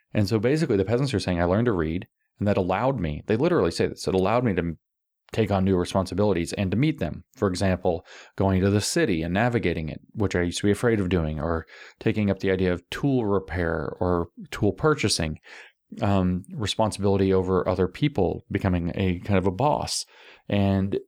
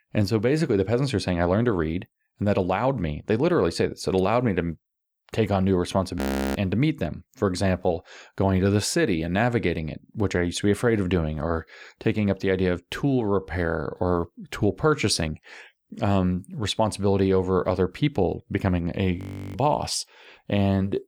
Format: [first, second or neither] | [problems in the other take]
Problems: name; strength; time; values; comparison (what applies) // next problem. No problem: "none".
first | audio freezing; at 6 s and at 19 s